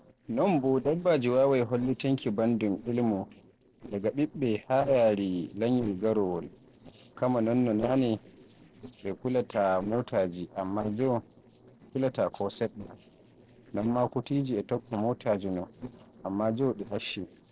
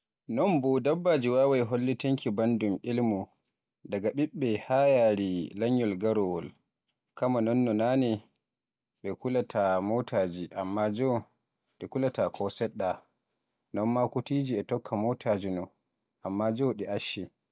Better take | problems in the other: second | noise reduction (neural separator model SepFormer DNS4)

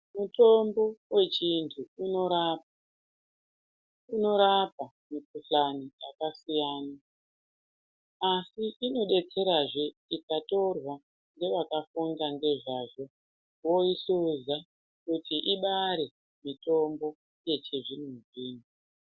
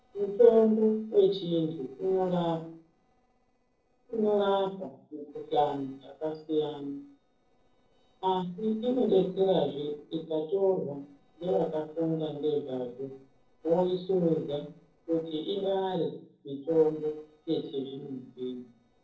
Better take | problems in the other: first | noise reduction (neural separator model SepFormer DNS4)

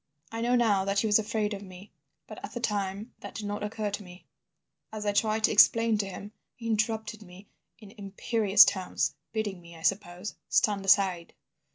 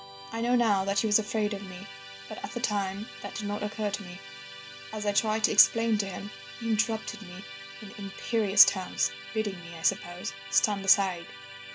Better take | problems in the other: first | background sound (Musical instrument); 13 dB below the speech

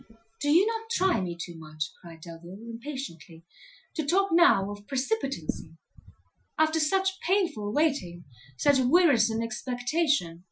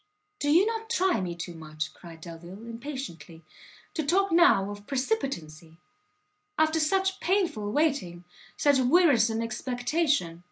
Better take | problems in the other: second | noise reduction (classical method Wiener filter)

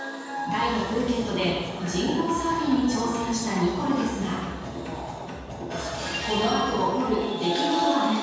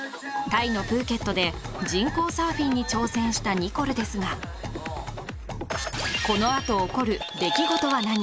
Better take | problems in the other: second | room echo; dies away in 1.2 s

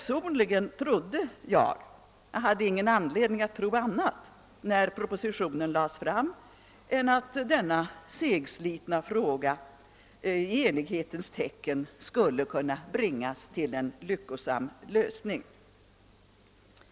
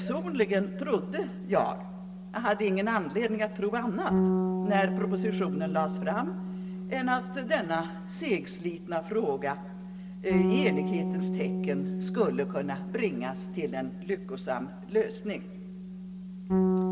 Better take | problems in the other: first | background sound (Bass guitar); 1 dB below the speech // room echo; dies away in 1.2 s

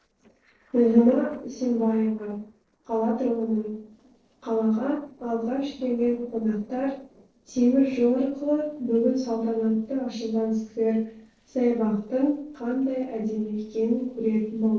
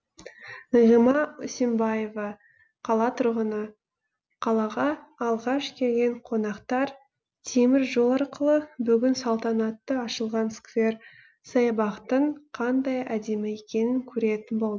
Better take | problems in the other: second | noise reduction (neural separator model SepFormer DNS4)

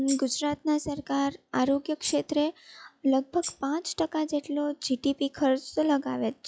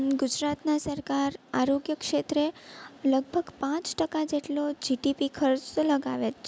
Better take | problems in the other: second | noise reduction (classical method log-MMSE)

